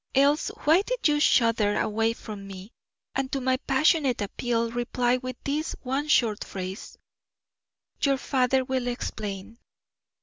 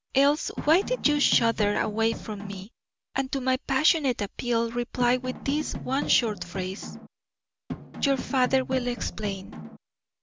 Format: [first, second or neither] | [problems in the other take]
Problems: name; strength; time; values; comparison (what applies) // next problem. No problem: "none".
first | background sound (Drum); 9 dB below the speech